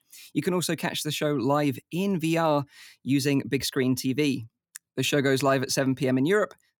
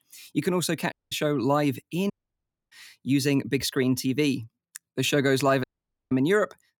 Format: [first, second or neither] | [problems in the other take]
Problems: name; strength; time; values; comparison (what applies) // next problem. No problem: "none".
first | audio cutting out; at 1 s, at 2 s for 0.5 s and at 5.5 s